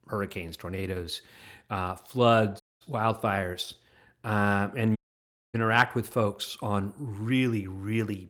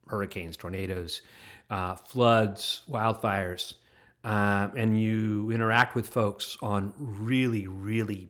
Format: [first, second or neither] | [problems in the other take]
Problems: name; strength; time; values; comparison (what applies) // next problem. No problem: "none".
second | audio cutting out; at 2.5 s and at 5 s for 0.5 s